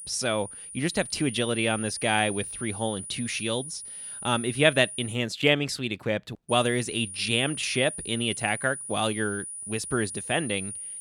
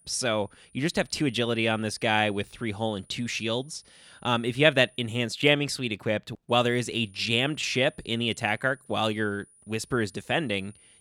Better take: second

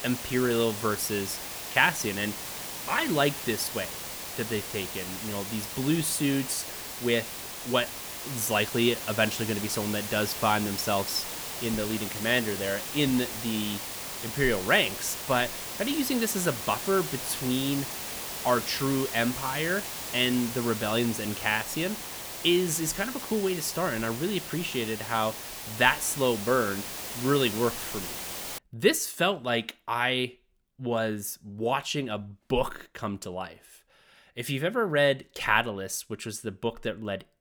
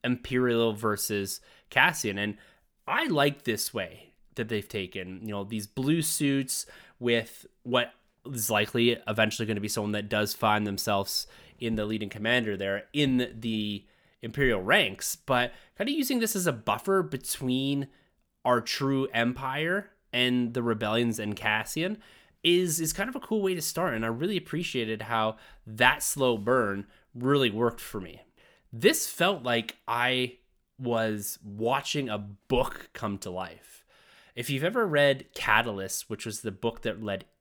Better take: second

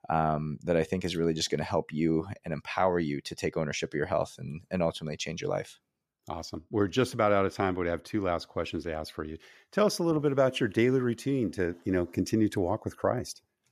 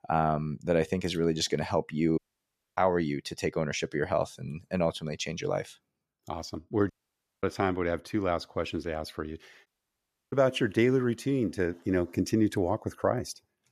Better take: first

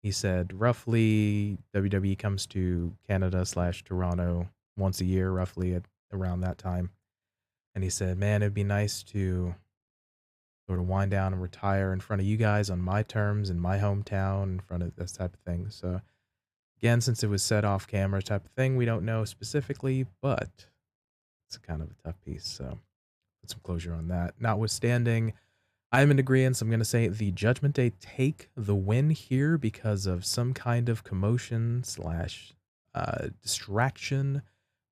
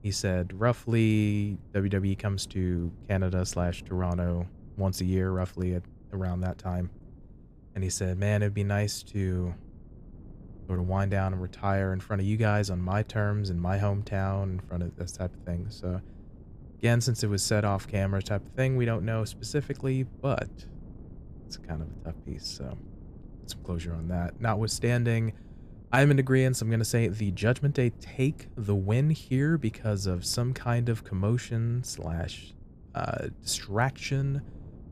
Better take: first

